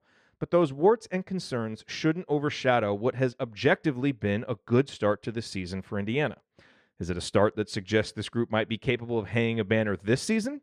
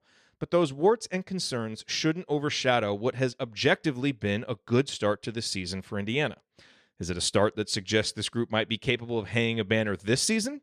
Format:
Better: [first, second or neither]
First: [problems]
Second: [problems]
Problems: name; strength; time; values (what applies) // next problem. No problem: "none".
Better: second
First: muffled; slightly; fading above 2.5 kHz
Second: none